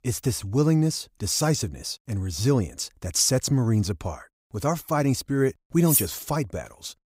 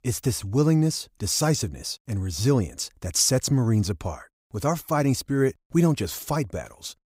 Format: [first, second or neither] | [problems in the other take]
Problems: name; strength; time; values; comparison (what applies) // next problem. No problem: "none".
second | clattering dishes; loud; at 6 s; peak 2 dB above the speech